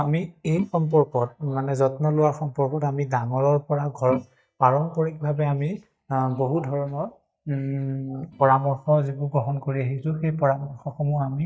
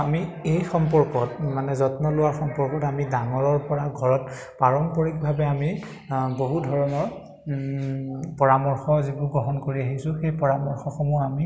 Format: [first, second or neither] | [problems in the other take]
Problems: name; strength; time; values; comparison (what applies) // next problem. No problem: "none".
second | noise reduction (neural mask model DeepFilterNet 3)